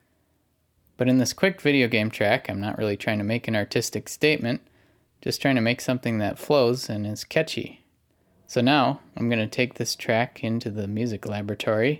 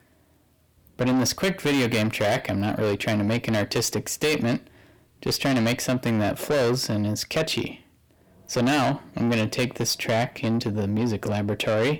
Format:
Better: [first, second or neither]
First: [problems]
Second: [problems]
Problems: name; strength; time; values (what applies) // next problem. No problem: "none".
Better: first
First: none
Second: distortion; heavy; 6 dB below the speech